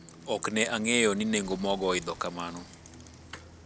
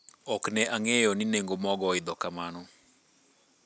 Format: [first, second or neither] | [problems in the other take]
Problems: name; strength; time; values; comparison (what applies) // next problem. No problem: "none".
second | background sound (Bicycle); 18 dB below the speech